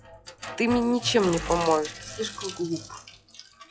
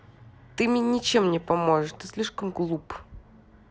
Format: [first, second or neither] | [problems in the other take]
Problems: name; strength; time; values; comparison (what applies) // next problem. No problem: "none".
second | noise reduction (classical method log-MMSE)